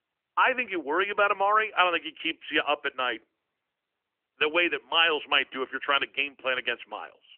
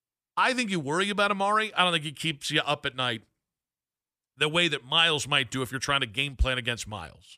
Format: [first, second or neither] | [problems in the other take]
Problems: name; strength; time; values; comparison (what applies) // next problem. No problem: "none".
second | phone-call audio; nothing above 3 kHz